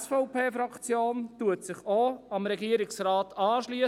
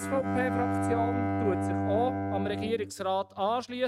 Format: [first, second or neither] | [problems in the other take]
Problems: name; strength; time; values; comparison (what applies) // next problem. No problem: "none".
first | noise reduction (neural mask model RNNoise)